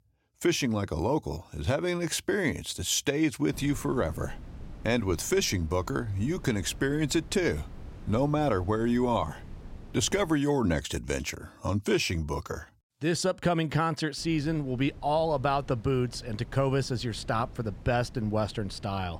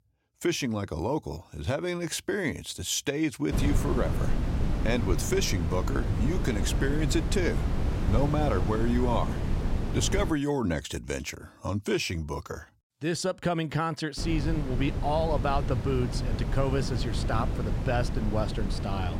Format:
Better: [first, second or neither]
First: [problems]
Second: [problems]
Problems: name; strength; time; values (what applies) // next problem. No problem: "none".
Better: first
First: wind noise on the microphone; occasional gusts; from 3.5 to 10 s and from 14 s on; 25 dB below the speech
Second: wind noise on the microphone; heavy; from 3.5 to 10 s and from 14 s on; 7 dB below the speech